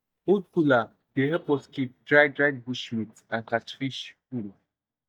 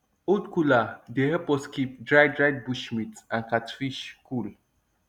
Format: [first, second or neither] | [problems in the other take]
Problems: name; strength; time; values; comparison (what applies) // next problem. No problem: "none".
second | noise reduction (neural mask model DeepFilterNet 3)